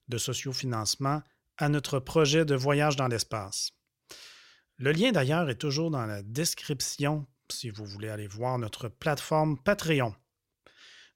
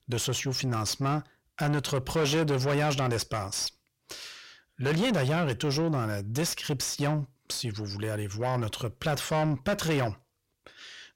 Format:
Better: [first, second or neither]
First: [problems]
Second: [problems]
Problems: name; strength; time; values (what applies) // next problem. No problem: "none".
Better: first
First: none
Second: distortion; heavy; 7 dB below the speech